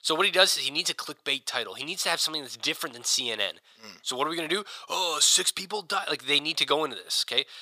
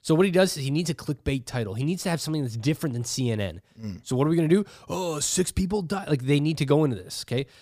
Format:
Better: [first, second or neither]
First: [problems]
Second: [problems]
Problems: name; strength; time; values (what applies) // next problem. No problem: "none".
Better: second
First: thin; very; fading below 750 Hz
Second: none